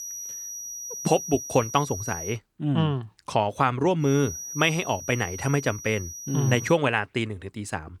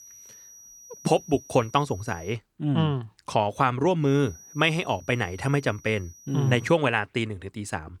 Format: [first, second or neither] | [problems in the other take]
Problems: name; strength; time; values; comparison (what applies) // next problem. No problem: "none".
second | high-pitched whine; loud; until 2.5 s and from 4 to 6.5 s; 6 kHz, 9 dB below the speech; faint in the second